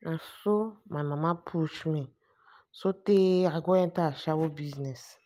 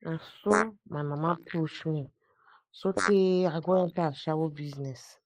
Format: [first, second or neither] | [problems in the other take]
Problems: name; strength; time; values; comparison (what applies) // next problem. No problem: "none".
first | noise reduction (neural mask model Resemble Enhance denoiser)